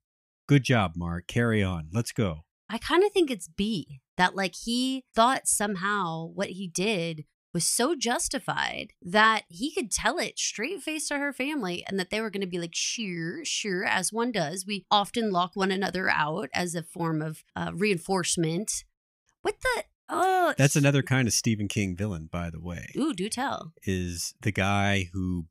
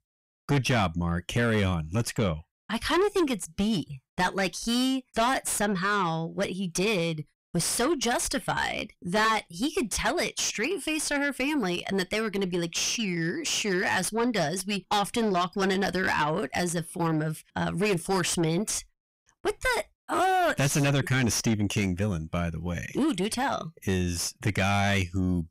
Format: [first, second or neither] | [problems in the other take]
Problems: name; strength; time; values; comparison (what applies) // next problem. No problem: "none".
first | distortion; heavy; 6 dB below the speech